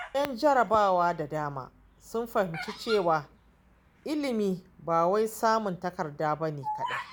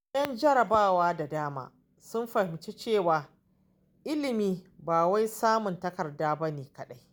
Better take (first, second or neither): second